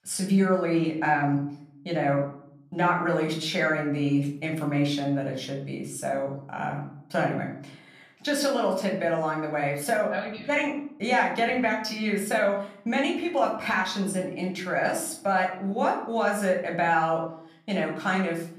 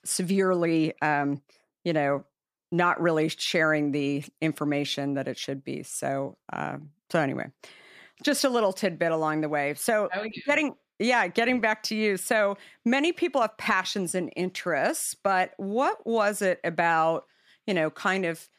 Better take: second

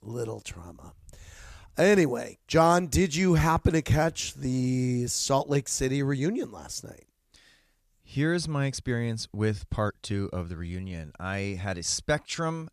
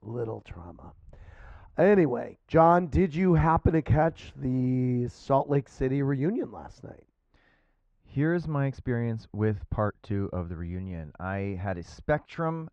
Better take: first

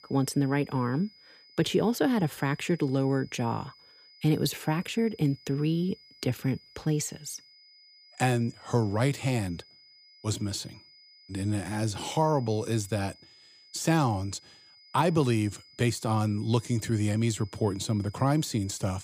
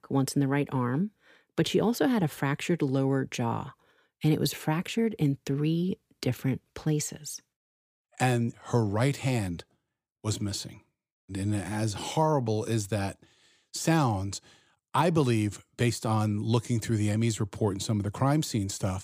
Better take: second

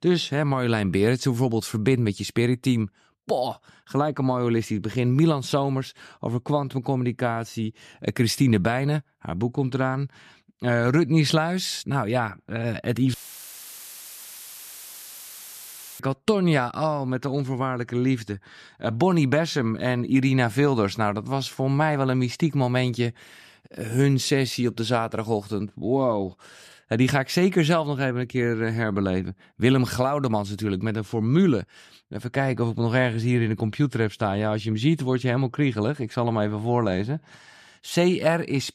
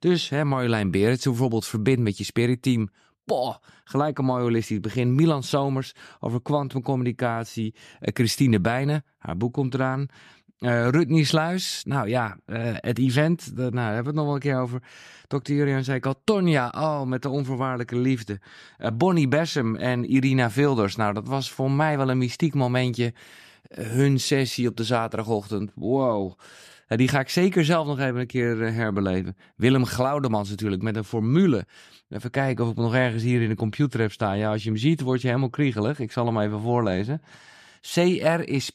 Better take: second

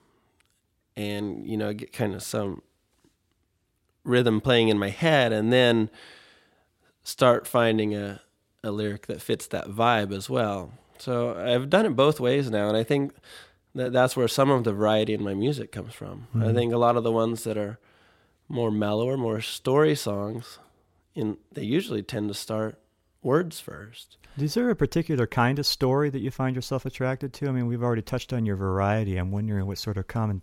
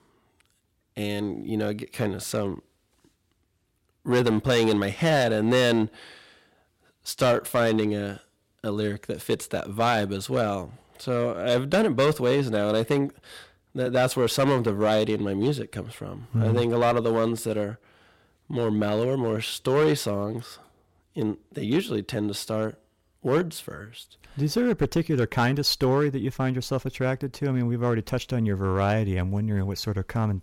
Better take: first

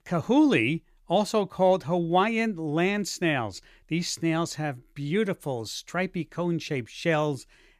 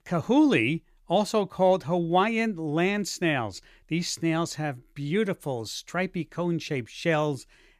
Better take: neither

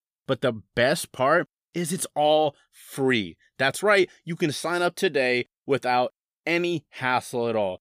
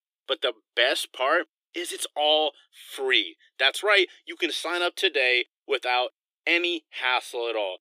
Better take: first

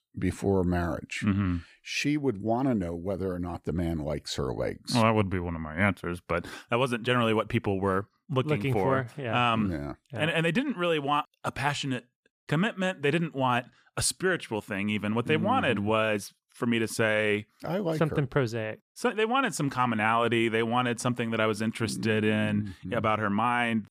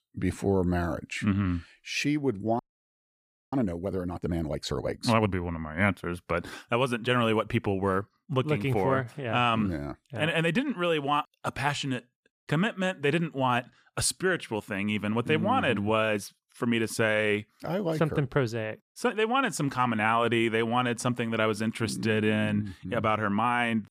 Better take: first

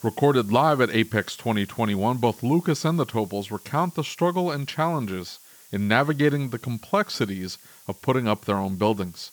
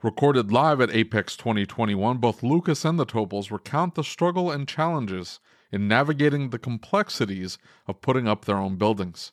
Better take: second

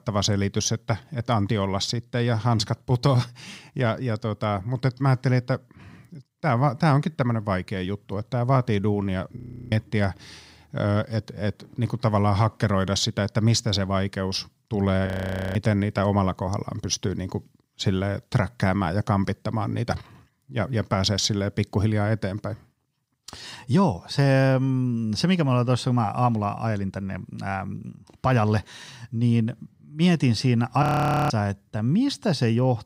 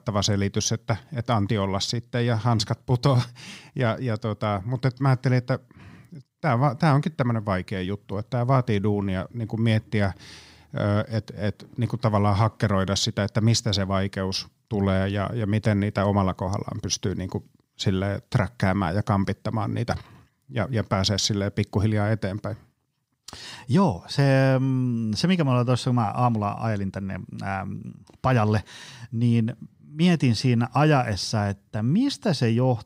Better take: second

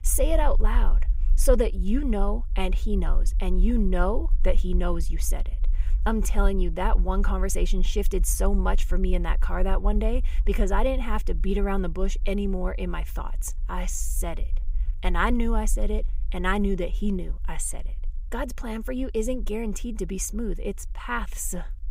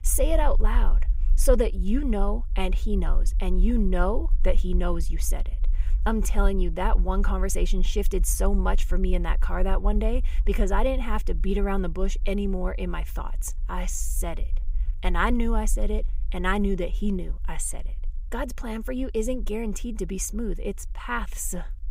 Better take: neither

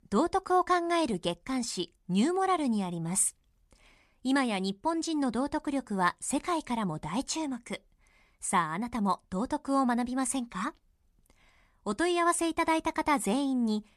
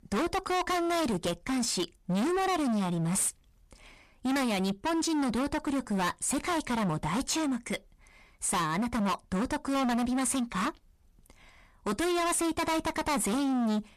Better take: first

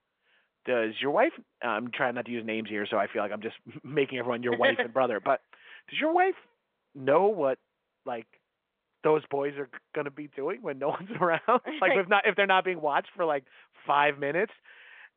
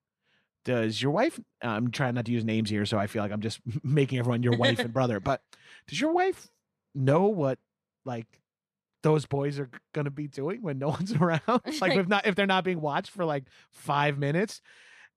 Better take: second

